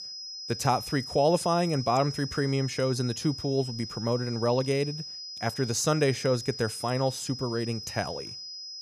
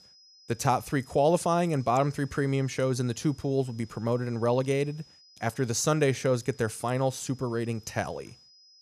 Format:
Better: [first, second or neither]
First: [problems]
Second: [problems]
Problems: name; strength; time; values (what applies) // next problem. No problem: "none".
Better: second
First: high-pitched whine; loud; throughout; 5 kHz, 9 dB below the speech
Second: high-pitched whine; faint; throughout; 5 kHz, 25 dB below the speech